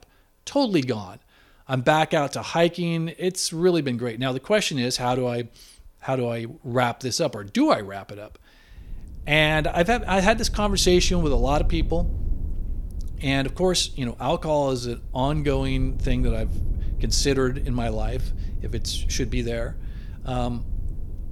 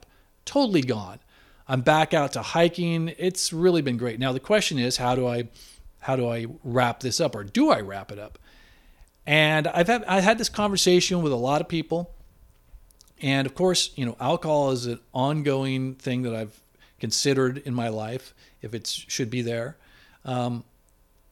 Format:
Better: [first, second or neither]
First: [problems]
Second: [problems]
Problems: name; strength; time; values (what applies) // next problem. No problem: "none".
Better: second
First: low rumble; faint; from 9 s on; 25 dB below the speech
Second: none